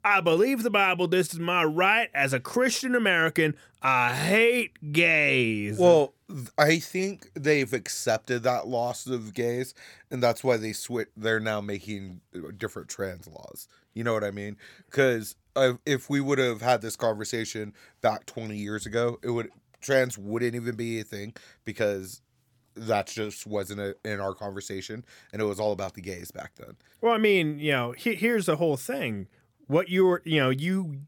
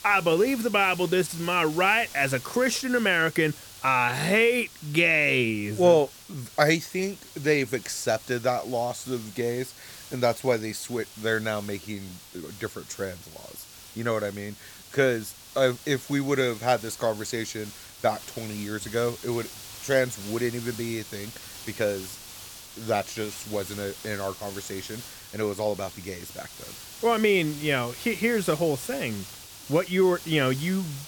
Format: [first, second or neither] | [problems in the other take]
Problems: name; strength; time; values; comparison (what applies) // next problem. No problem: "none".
first | hiss; noticeable; throughout; 15 dB below the speech